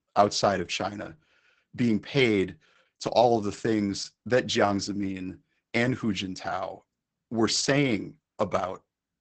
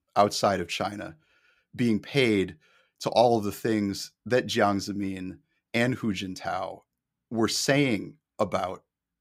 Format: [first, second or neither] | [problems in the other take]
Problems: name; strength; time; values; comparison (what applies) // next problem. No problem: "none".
second | garbled, watery; badly; nothing above 8 kHz